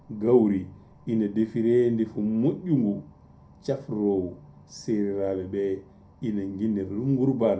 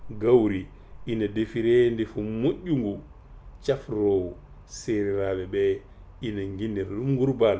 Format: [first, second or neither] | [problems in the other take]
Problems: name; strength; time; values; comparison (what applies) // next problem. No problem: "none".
second | room echo; dies away in 0.2 s